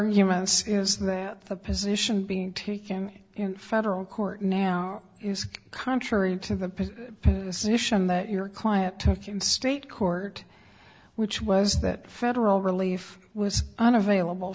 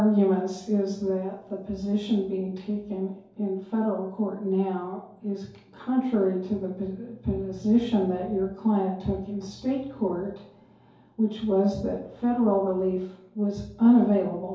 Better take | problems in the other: first | room echo; dies away in 2.4 s

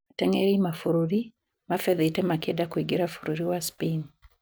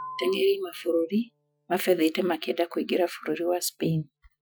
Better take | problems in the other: first | noise reduction (classical method Wiener filter)

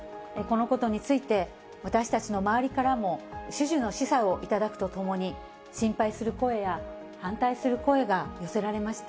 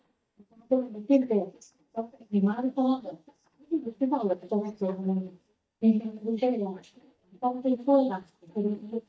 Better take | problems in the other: first | noise reduction (neural mask model DeepFilterNet 3)

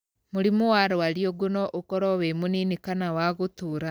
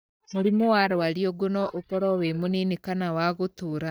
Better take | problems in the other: first | noise reduction (neural mask model DeepFilterNet 3)

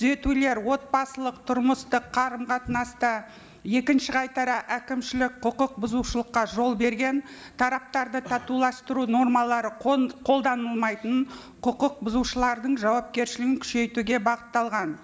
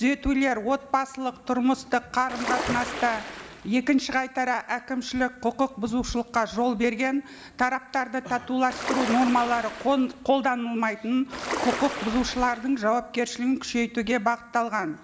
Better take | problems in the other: first | background sound (Ocean); 7 dB below the speech

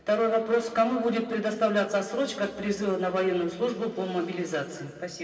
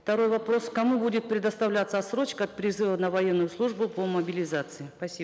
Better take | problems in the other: second | room echo; dies away in 2.3 s

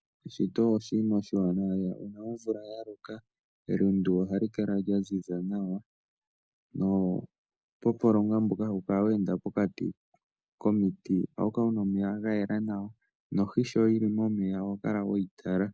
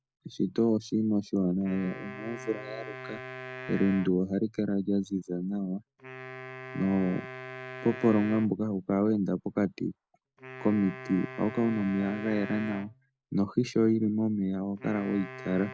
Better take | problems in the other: first | background sound (Wind instrument, woodwind instrument); 15 dB below the speech

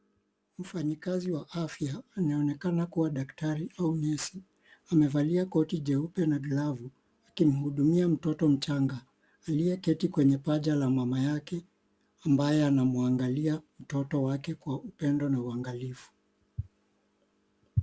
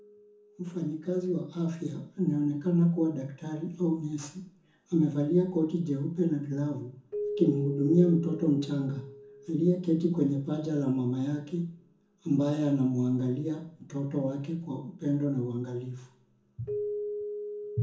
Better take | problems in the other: first | background sound (Keyboard (musical)); 14 dB below the speech // room echo; dies away in 0.5 s

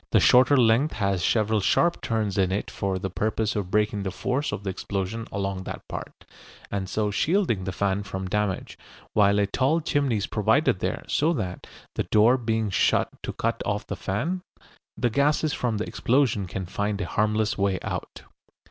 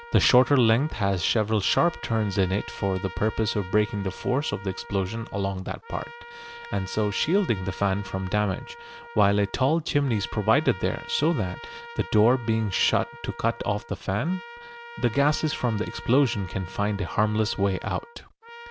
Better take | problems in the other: first | background sound (Trumpet); 17 dB below the speech

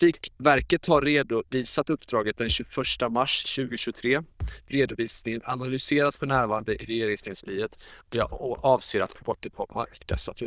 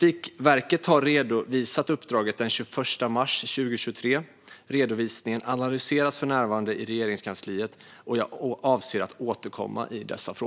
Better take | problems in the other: second | noise reduction (neural diffusion model UNIVERSE++)

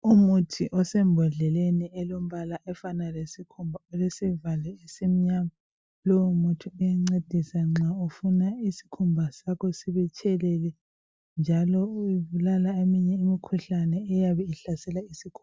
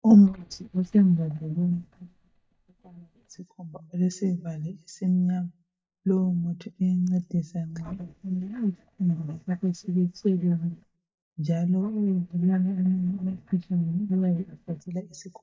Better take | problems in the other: first | noise reduction (neural mask model DeepFilterNet 3)

